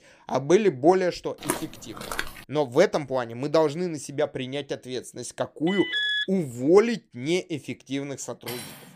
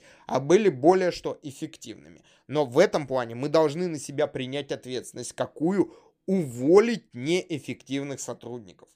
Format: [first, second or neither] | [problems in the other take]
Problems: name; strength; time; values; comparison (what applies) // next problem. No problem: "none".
second | footsteps; noticeable; at 1.5 s; peak 5 dB below the speech // alarm; loud; at 5.5 s; peak 1 dB above the speech // clattering dishes; faint; at 8.5 s; peak 10 dB below the speech